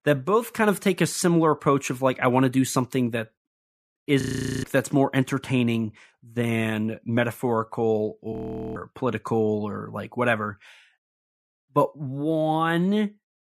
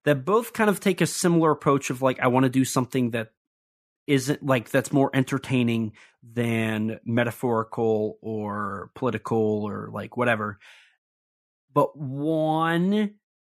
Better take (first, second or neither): second